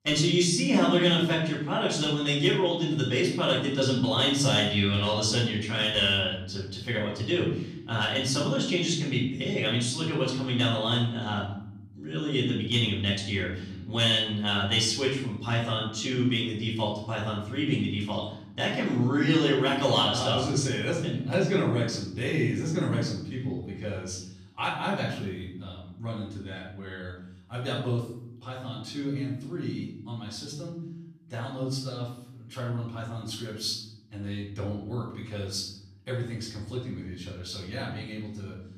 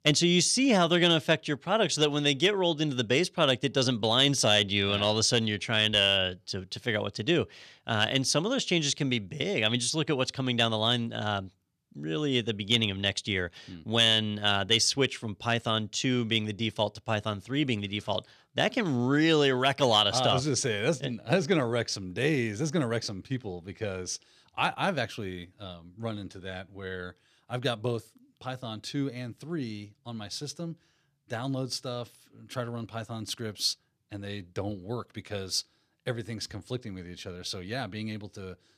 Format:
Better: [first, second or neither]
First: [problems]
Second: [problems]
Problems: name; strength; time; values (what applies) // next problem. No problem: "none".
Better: second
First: room echo; noticeable; dies away in 0.8 s // off-mic speech; far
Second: none